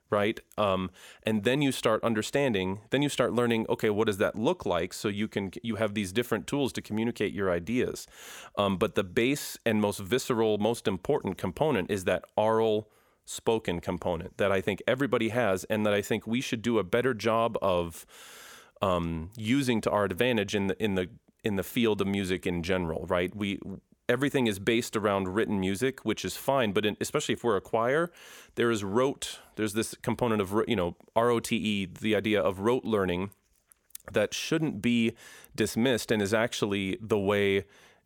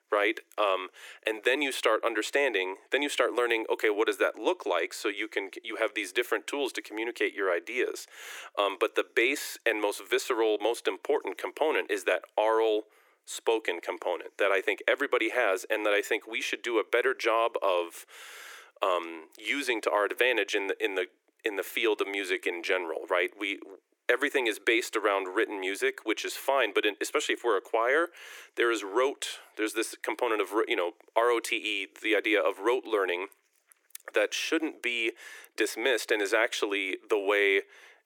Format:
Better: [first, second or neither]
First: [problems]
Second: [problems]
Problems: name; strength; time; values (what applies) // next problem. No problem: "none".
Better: first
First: none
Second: thin; very; fading below 300 Hz